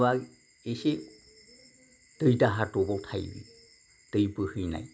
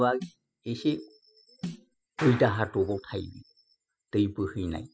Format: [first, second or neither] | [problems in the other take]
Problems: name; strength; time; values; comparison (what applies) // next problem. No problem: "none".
first | noise reduction (classical method spectral subtraction)